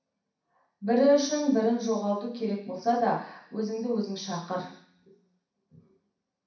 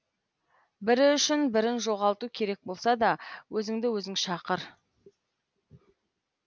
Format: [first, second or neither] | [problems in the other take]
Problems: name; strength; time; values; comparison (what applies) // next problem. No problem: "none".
second | room echo; dies away in 0.6 s